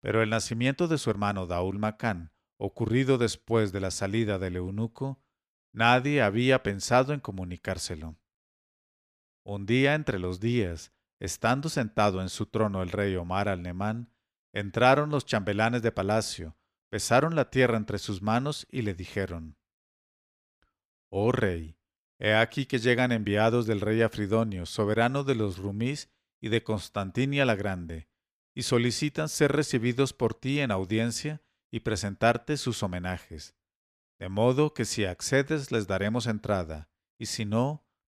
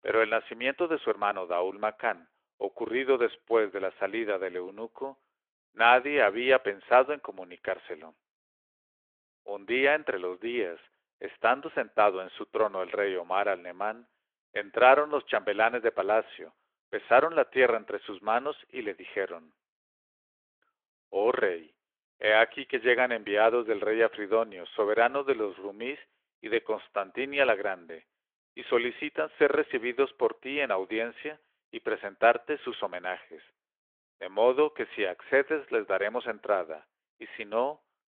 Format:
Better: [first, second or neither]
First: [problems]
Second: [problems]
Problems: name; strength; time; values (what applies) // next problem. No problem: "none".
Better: first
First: none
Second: phone-call audio; nothing above 3.5 kHz